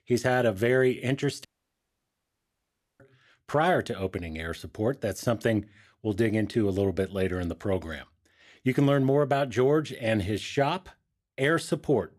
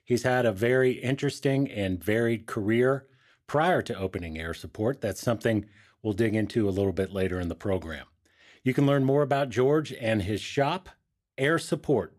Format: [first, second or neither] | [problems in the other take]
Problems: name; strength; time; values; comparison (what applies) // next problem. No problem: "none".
second | audio cutting out; at 1.5 s for 1.5 s